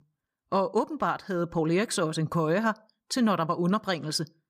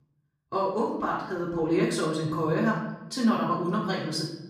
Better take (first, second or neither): first